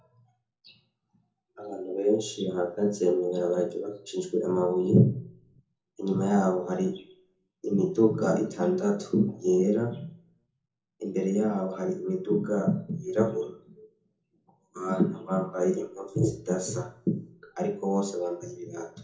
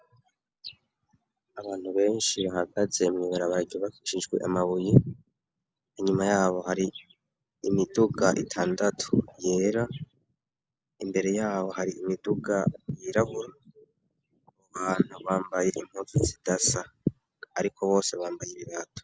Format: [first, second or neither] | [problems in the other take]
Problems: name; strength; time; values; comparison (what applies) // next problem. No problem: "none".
second | room echo; dies away in 0.6 s